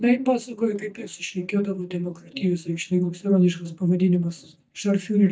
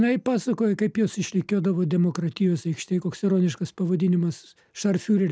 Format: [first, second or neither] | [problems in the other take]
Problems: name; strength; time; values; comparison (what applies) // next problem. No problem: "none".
second | noise reduction (neural mask model DeepFilterNet 3)